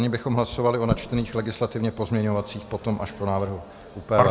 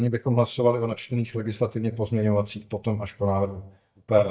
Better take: first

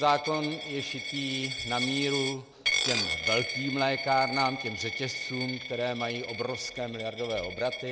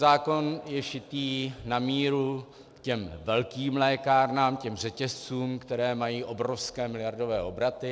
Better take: second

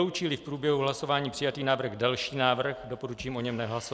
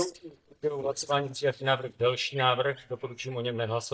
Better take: first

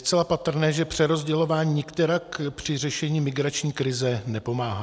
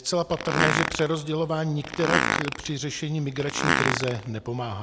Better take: first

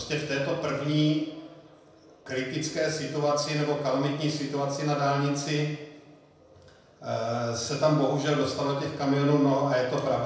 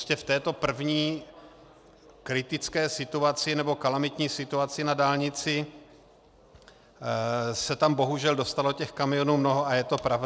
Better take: second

